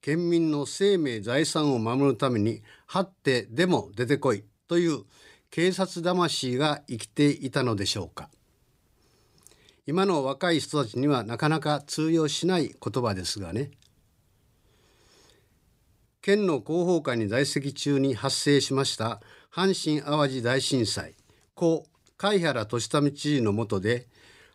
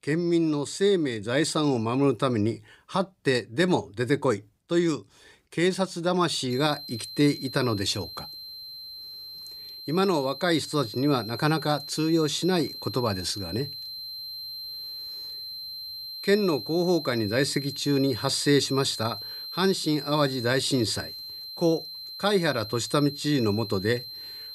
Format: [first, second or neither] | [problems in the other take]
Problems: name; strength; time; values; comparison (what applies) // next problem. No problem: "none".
first | high-pitched whine; loud; from 6.5 s on; 4 kHz, 10 dB below the speech